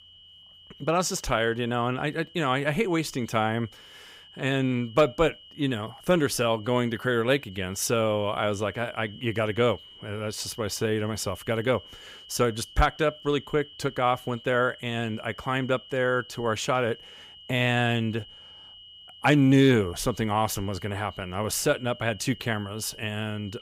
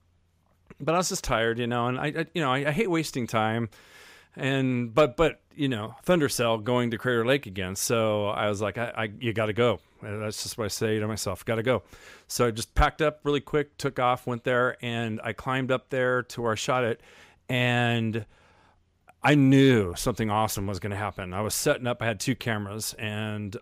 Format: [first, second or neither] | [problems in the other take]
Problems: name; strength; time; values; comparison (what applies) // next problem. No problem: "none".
second | high-pitched whine; noticeable; throughout; 3 kHz, 20 dB below the speech